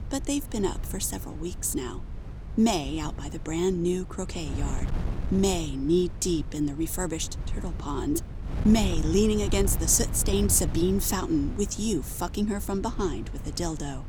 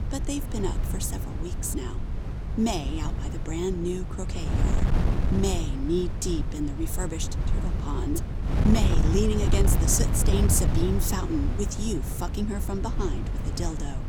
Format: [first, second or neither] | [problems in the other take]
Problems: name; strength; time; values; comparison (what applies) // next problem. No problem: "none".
first | wind noise on the microphone; heavy; 6 dB below the speech; occasional gusts in the first